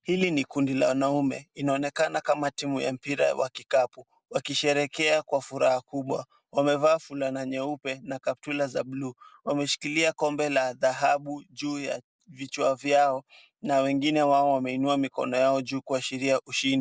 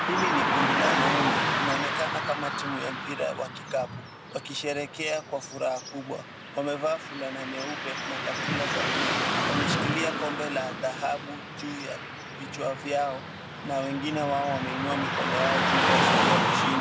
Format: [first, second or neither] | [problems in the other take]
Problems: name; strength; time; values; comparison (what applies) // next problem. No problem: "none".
first | background sound (Car passing by / Traffic noise, roadway noise); 4 dB above the speech